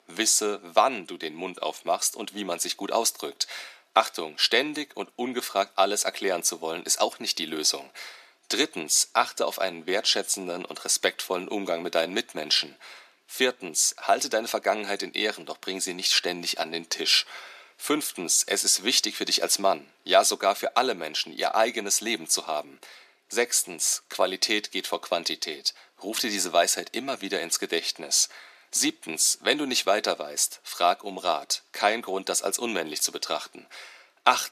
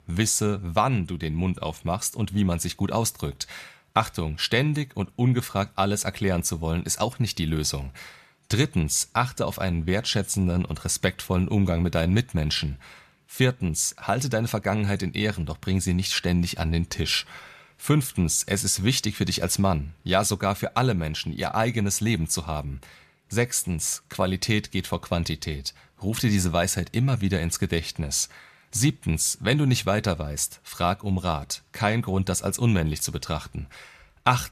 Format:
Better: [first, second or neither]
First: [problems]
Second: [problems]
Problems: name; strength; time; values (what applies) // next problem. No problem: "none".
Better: second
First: thin; very; fading below 300 Hz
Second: none